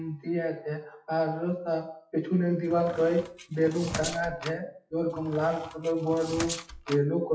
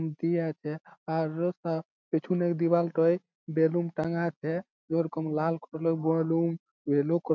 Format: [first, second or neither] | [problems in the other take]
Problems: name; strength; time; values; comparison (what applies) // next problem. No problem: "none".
second | noise reduction (classical method WPE with log-MMSE)